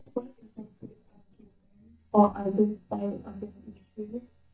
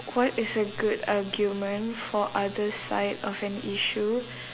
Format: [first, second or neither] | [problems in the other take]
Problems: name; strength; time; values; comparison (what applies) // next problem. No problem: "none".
second | noise reduction (neural mask model DeepFilterNet 3)